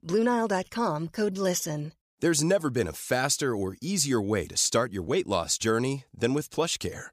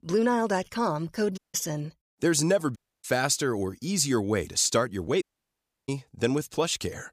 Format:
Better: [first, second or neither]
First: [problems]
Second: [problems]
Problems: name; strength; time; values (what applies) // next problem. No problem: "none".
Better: first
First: none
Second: audio cutting out; at 1.5 s, at 3 s and at 5 s for 0.5 s